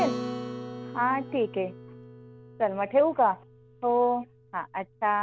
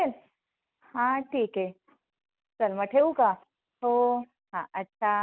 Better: second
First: background sound (Acoustic guitar); 11 dB below the speech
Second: none

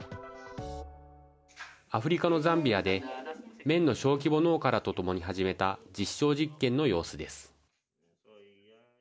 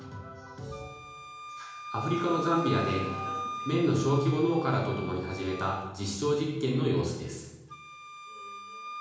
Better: first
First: none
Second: background sound (Wind instrument, woodwind instrument); 10 dB below the speech // room echo; dies away in 1 s

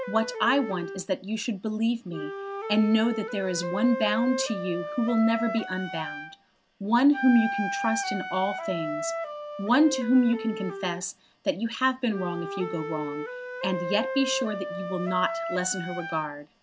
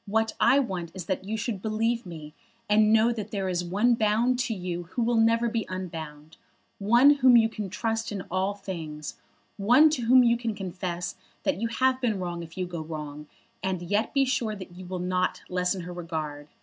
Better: second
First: background sound (Wind instrument, woodwind instrument); 7 dB below the speech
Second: none

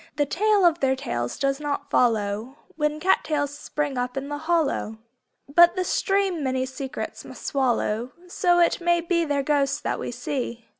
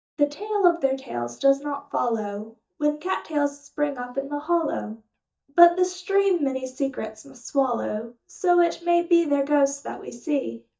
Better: first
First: none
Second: noise reduction (neural mask model DeepFilterNet 3)

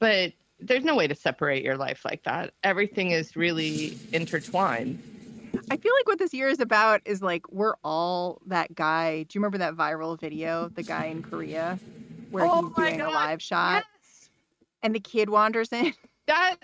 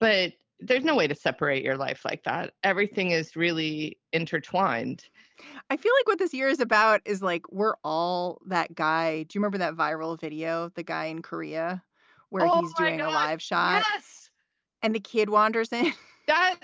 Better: second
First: noise reduction (neural mask model RNNoise)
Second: none

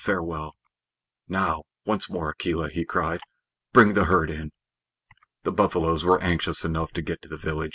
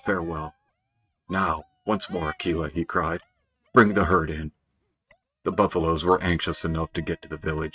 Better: first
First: none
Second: noise reduction (neural mask model RNNoise)

